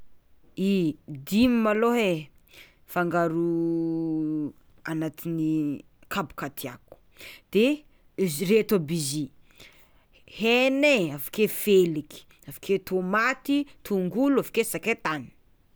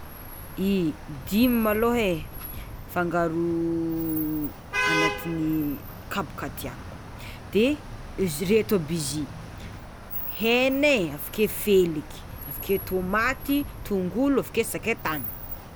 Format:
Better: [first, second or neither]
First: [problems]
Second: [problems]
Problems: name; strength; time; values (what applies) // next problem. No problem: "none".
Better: first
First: none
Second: background sound (Traffic noise, roadway noise / Vehicle horn, car horn, honking); 9 dB below the speech